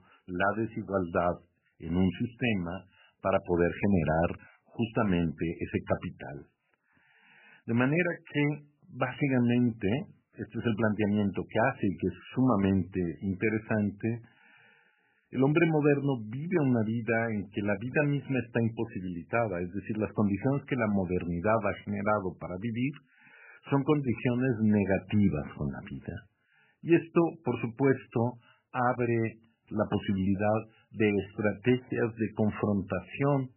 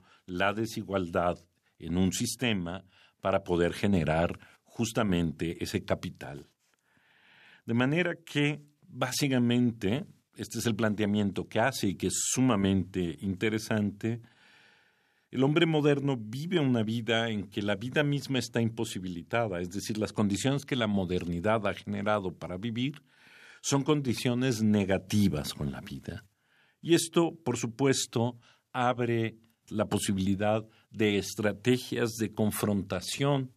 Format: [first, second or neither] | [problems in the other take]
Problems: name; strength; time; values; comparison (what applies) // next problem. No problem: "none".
second | garbled, watery; badly; nothing above 3 kHz